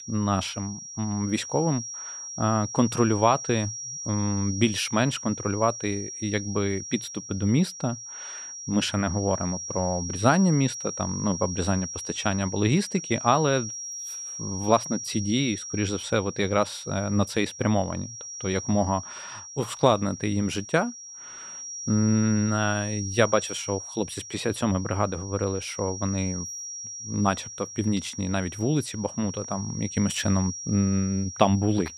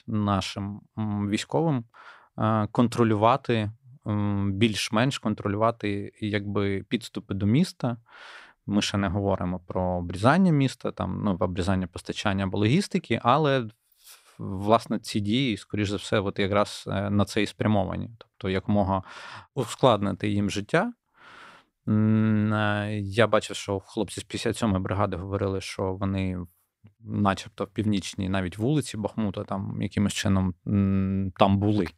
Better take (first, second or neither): second